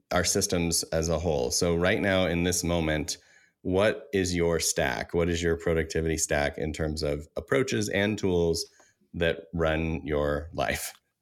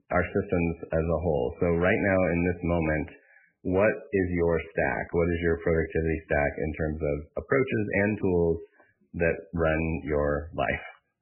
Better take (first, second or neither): first